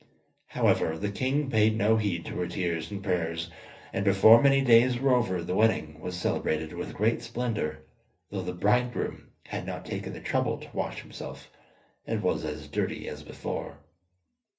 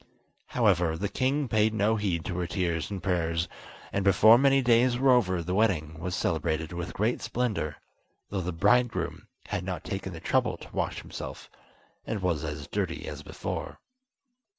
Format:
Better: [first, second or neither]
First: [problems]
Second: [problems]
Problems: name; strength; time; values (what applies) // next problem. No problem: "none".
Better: second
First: room echo; dies away in 0.3 s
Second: none